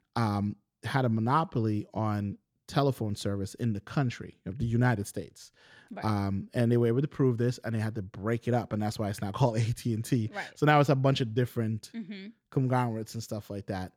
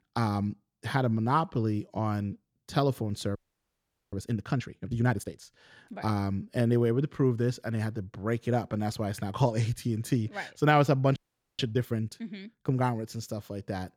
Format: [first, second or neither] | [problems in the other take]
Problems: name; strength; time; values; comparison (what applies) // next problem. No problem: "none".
first | audio freezing; at 3.5 s for 1 s and at 11 s